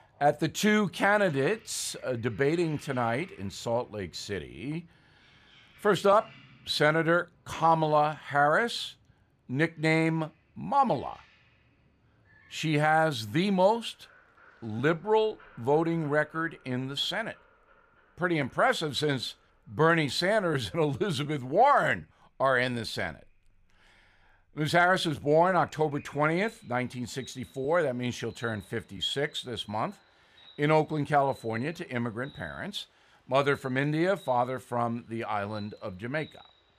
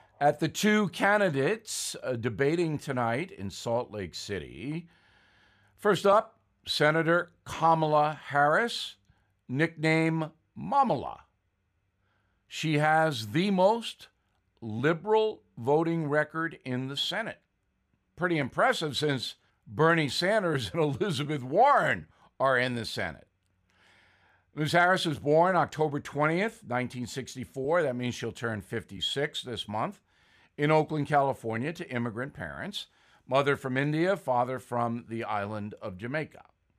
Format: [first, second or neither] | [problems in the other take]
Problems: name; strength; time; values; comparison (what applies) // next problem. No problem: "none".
second | animal sounds; faint; throughout; 30 dB below the speech